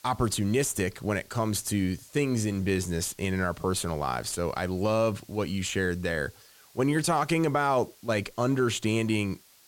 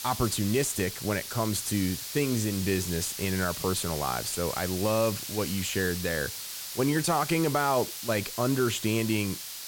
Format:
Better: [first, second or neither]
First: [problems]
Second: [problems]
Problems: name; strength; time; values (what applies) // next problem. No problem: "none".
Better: first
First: hiss; faint; throughout; 25 dB below the speech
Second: hiss; loud; throughout; 6 dB below the speech